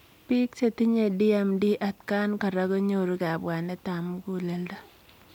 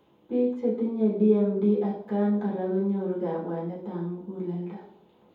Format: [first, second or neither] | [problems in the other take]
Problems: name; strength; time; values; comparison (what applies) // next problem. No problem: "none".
first | room echo; dies away in 0.7 s